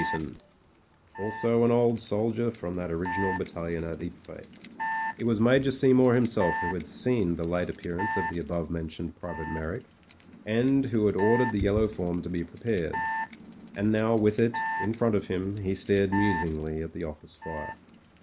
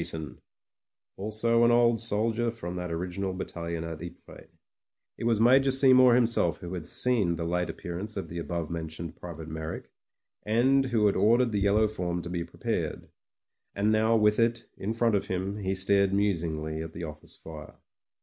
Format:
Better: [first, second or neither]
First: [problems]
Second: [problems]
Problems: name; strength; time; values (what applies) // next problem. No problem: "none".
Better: second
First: background sound (Alarm); 9 dB below the speech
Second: none